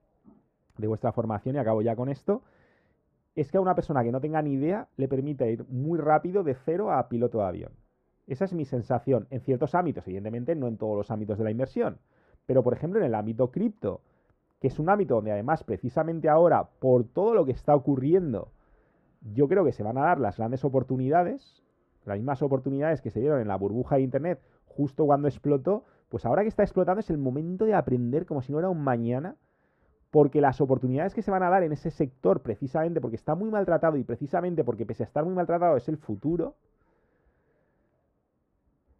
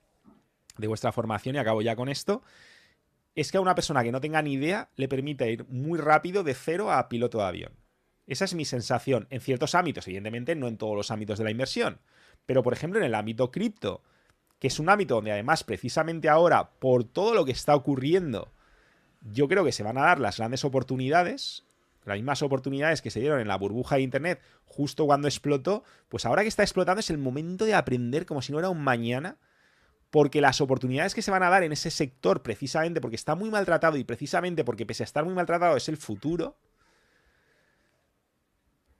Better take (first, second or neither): second